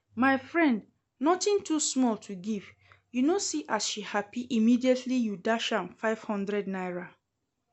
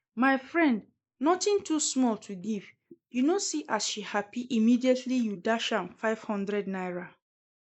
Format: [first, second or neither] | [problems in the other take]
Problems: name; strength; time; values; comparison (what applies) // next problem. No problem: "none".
first | noise reduction (neural mask model Resemble Enhance denoiser)